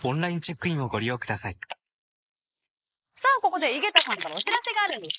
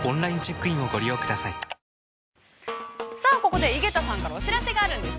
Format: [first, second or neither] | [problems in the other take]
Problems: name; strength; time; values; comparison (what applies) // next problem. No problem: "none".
second | noise reduction (neural mask model Resemble Enhance denoiser)